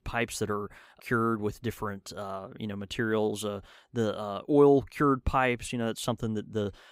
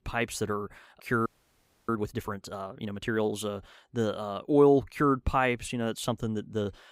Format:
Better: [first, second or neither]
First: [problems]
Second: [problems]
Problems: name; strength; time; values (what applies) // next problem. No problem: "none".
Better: first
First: none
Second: audio freezing; at 1.5 s for 0.5 s